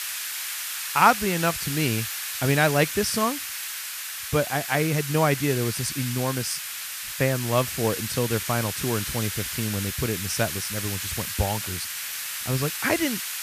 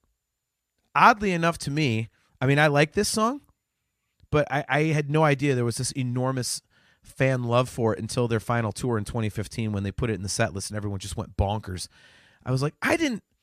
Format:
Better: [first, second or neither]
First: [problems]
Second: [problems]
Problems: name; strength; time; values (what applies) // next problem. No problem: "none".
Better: second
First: hiss; loud; throughout; 4 dB below the speech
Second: none